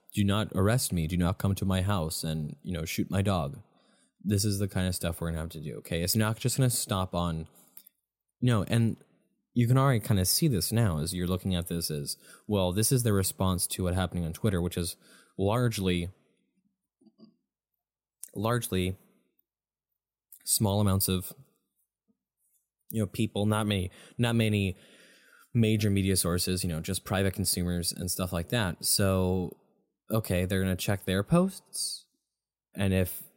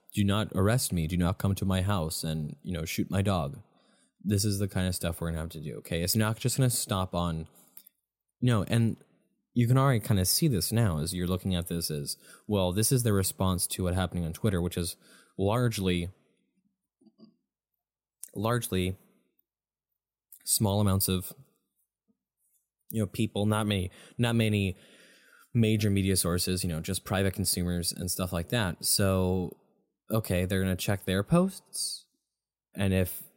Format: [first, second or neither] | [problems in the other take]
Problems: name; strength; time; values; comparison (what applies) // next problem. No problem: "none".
neither | none